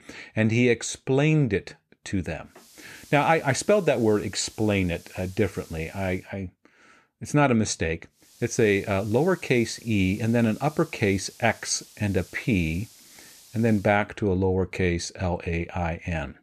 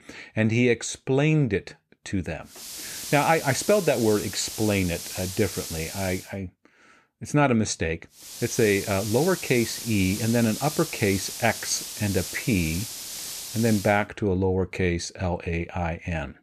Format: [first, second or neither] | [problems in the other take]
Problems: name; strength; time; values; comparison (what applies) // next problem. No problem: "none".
first | hiss; loud; from 2.5 to 6 s and from 8.5 to 14 s; 8 dB below the speech; faint in the first